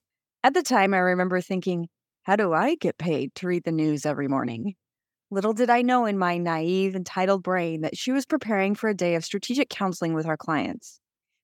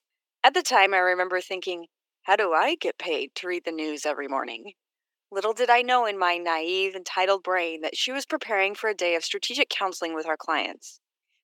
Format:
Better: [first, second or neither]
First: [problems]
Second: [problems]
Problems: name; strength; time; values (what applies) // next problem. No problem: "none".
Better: first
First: none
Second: thin; very; fading below 350 Hz